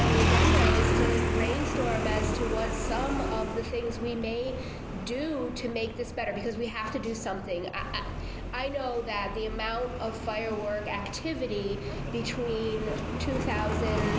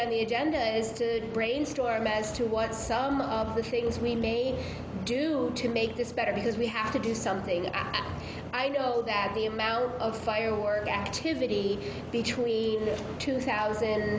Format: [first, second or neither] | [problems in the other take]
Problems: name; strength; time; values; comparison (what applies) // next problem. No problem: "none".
second | background sound (Motorcycle); 2 dB above the speech